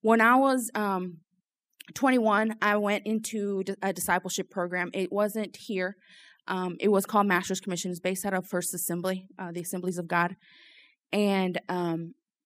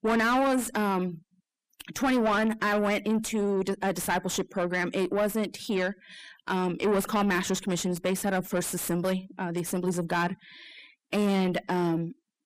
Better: first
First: none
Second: distortion; heavy; 7 dB below the speech

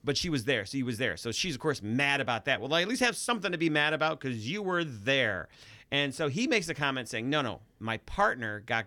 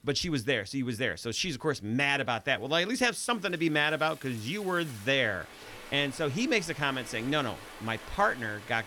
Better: first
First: none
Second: rain or running water; noticeable; throughout; 20 dB below the speech

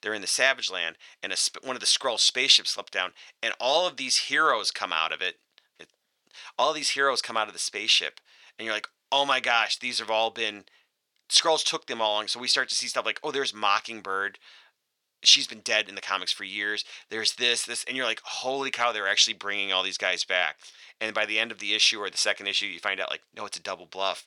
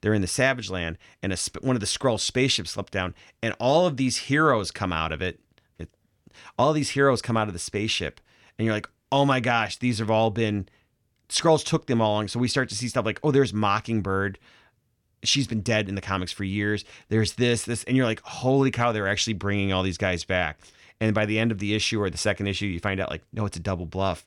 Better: second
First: thin; very; fading below 700 Hz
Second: none

